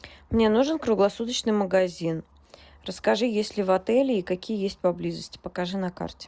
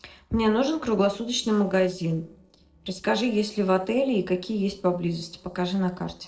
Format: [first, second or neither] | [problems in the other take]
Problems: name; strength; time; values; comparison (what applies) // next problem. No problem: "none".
first | noise reduction (neural separator model SepFormer DNS4)